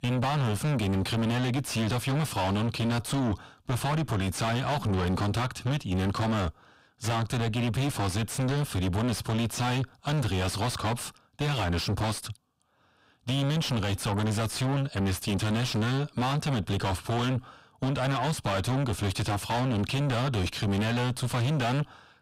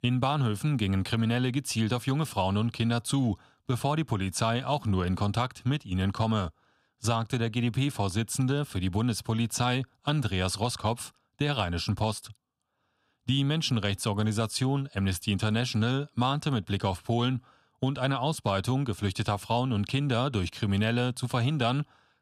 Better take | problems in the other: second | distortion; heavy; 5 dB below the speech

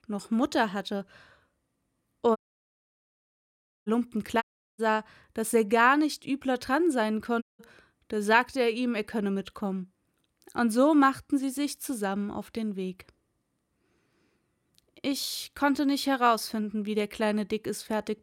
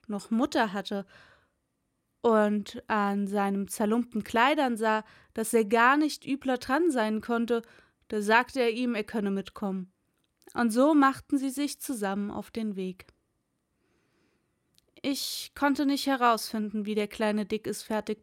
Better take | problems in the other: second | audio cutting out; at 2.5 s for 1.5 s, at 4.5 s and at 7.5 s

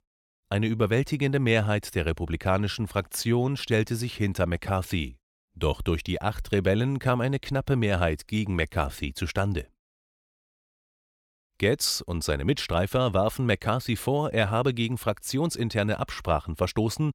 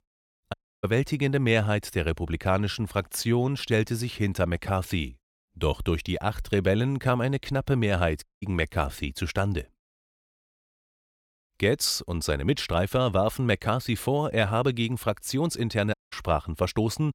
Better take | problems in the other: first | audio cutting out; at 0.5 s, at 8 s and at 16 s

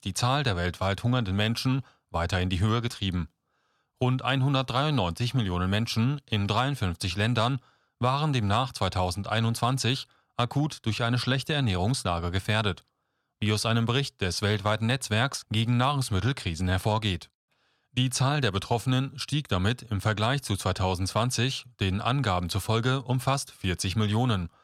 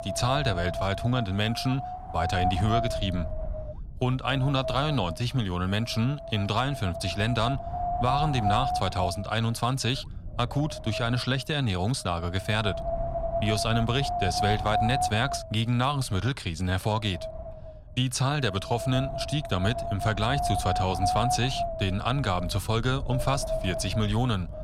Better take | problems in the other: first | wind noise on the microphone; heavy; 2 dB below the speech

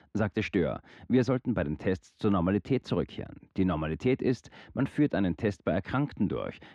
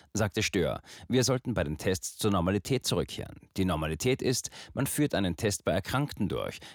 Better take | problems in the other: second | muffled; very; fading above 2 kHz

